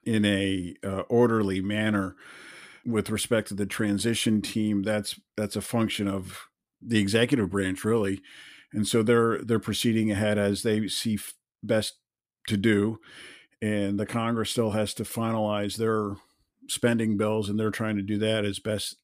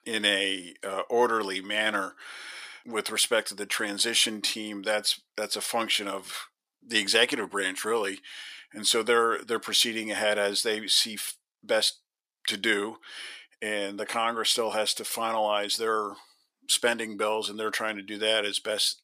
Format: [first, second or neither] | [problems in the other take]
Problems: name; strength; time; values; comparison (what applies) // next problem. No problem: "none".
first | thin; very; fading below 550 Hz